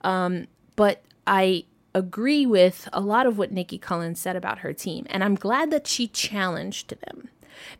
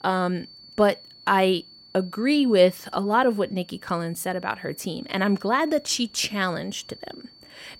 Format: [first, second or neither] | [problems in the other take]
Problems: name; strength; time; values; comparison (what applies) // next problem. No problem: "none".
first | high-pitched whine; faint; throughout; 4.5 kHz, 20 dB below the speech